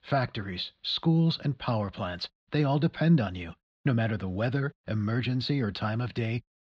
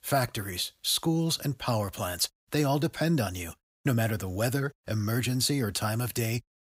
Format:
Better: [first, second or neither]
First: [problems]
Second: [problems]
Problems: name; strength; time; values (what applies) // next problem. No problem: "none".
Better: second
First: muffled; very slightly; fading above 4 kHz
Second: none